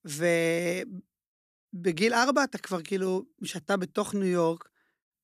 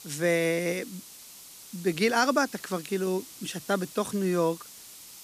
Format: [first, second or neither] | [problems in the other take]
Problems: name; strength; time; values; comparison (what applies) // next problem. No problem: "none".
first | hiss; noticeable; throughout; 15 dB below the speech